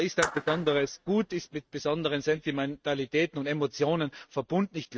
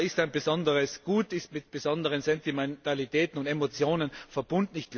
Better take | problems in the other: second | noise reduction (neural mask model RNNoise)

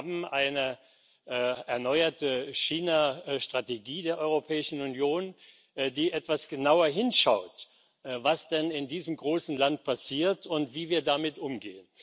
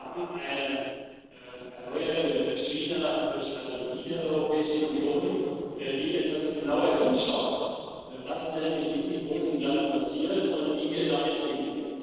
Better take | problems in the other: first | noise reduction (neural separator model SepFormer DNS4)

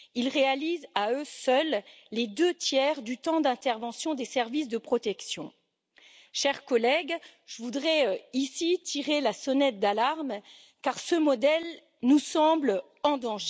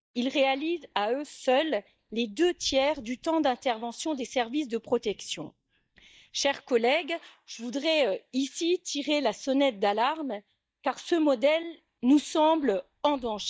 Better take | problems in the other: first | noise reduction (neural mask model DeepFilterNet 3)

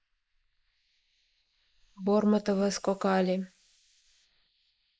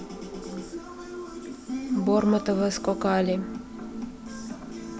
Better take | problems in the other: second | noise reduction (neural mask model Resemble Enhance denoiser)

